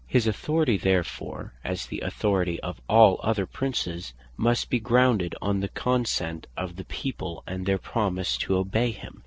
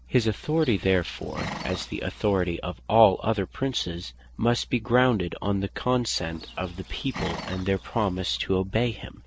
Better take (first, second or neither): first